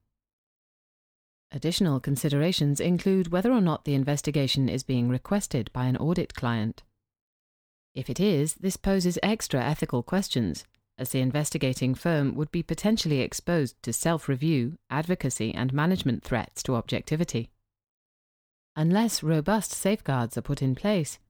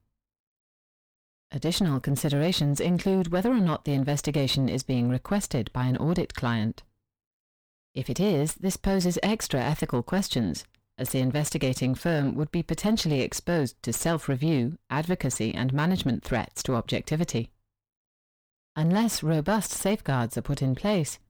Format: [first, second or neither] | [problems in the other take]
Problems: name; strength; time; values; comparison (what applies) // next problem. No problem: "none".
first | distortion; slight; 9 dB below the speech